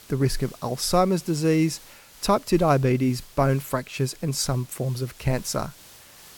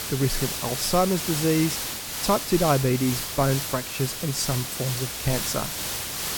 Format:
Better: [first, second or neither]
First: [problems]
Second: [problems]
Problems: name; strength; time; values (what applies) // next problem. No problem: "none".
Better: first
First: hiss; faint; throughout; 20 dB below the speech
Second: hiss; loud; throughout; 3 dB below the speech